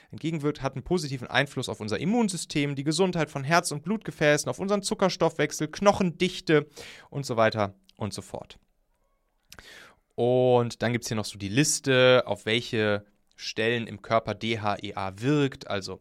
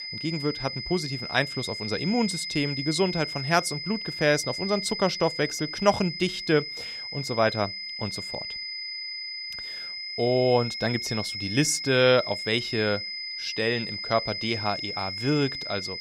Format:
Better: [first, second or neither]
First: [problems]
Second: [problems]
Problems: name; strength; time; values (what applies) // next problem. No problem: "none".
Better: first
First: none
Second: high-pitched whine; loud; throughout; 5 kHz, 5 dB below the speech